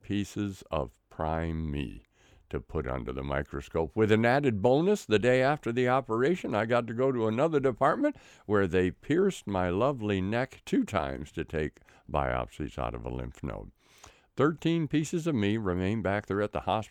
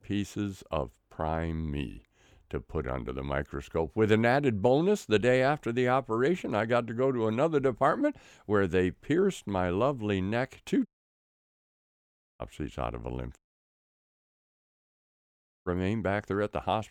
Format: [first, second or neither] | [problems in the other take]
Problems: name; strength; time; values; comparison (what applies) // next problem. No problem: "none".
first | audio cutting out; at 11 s for 1.5 s and at 13 s for 2.5 s